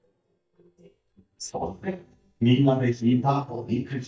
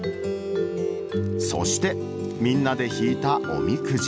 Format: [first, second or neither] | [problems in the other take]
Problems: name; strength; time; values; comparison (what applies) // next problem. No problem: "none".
second | noise reduction (neural mask model DeepFilterNet 3)